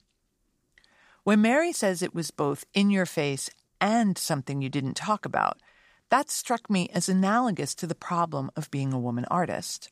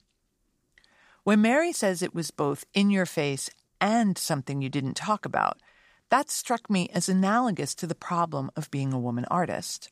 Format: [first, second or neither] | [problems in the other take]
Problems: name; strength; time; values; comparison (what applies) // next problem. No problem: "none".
neither | none